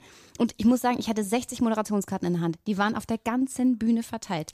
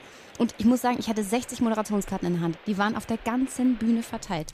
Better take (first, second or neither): first